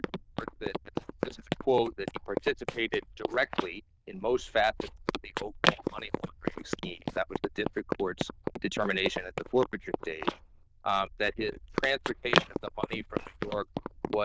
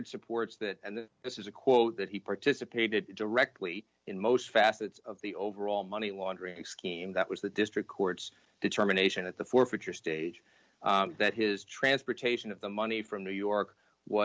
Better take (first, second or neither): second